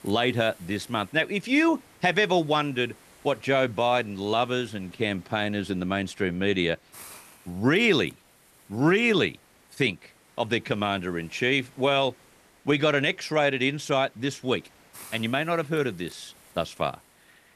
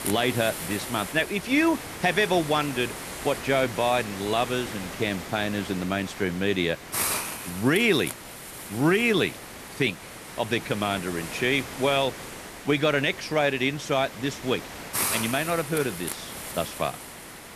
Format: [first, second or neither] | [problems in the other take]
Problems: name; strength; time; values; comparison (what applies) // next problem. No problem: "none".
first | hiss; loud; throughout; 8 dB below the speech; faint in the first